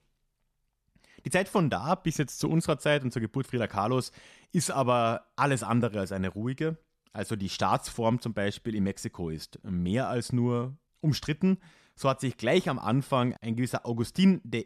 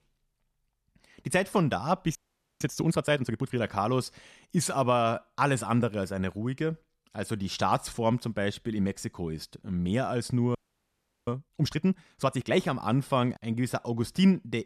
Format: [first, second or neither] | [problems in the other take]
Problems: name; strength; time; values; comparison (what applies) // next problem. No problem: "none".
first | audio freezing; at 2 s and at 11 s for 0.5 s